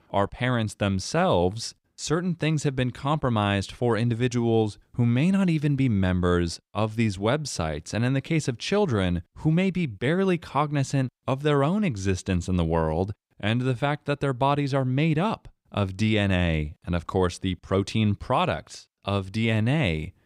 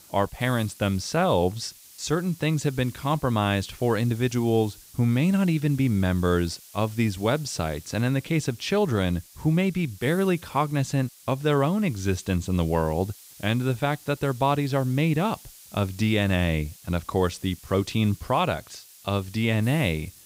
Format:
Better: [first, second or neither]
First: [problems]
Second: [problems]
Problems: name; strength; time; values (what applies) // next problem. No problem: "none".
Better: first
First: none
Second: hiss; faint; throughout; 20 dB below the speech